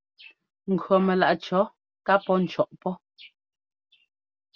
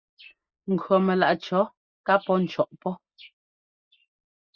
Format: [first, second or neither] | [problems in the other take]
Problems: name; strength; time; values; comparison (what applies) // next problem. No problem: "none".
first | noise reduction (neural mask model Resemble Enhance denoiser)